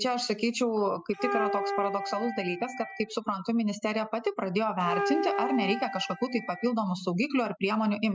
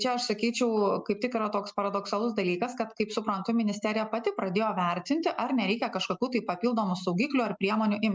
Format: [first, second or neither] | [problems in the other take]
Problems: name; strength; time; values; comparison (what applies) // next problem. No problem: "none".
second | noise reduction (classical method spectral subtraction)